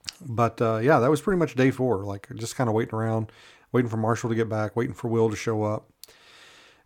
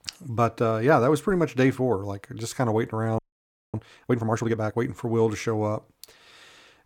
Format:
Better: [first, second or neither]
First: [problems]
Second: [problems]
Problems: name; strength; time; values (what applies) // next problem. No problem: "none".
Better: first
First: none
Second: audio freezing; at 3 s for 0.5 s